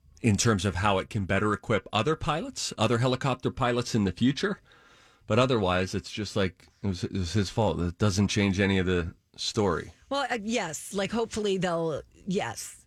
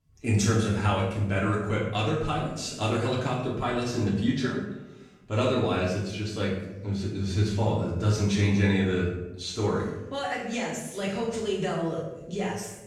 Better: first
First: none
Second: off-mic speech; far // room echo; noticeable; dies away in 0.8 s

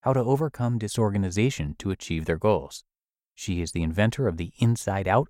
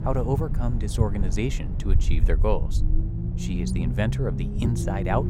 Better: first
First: none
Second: low rumble; loud; throughout; 8 dB below the speech

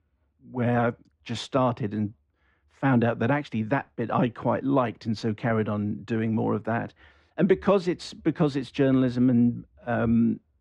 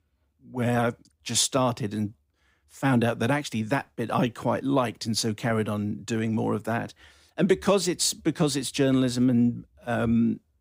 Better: second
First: muffled; very; fading above 2 kHz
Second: none

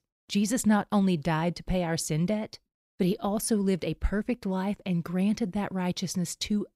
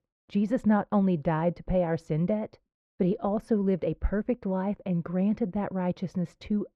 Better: first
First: none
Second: muffled; very; fading above 3.5 kHz

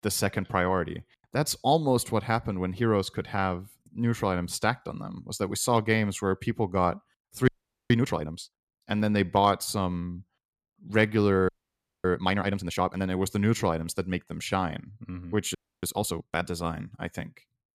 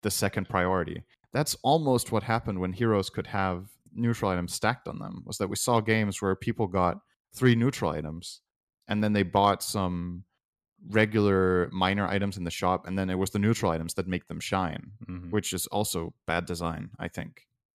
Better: second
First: audio freezing; at 7.5 s, at 11 s for 0.5 s and at 16 s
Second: none

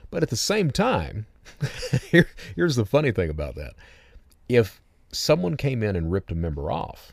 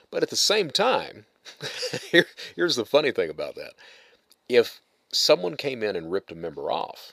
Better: first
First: none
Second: thin; somewhat; fading below 400 Hz

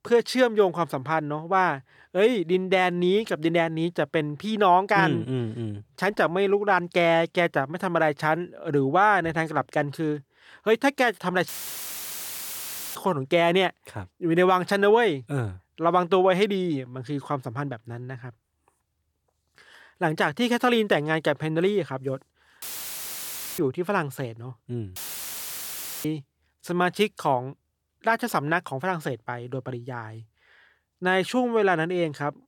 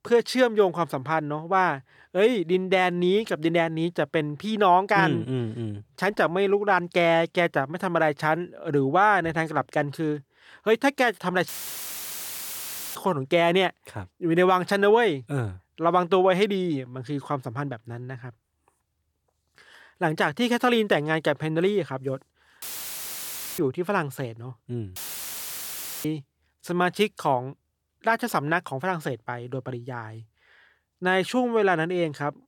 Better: neither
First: audio cutting out; filled with static; at 11 s for 1.5 s, at 23 s for 1 s and at 25 s for 1 s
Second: audio cutting out; filled with static; at 11 s for 1.5 s, at 23 s for 1 s and at 25 s for 1 s

